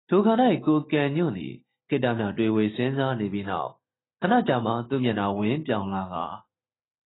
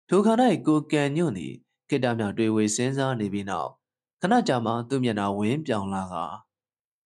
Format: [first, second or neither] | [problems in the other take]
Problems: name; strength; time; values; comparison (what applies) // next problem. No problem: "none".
second | garbled, watery; badly; nothing above 4 kHz